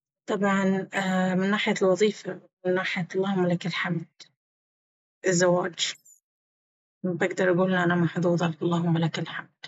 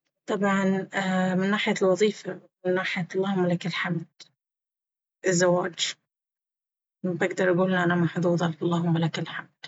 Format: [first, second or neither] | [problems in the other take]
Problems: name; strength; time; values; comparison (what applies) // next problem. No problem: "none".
second | noise reduction (neural mask model Resemble Enhance denoiser)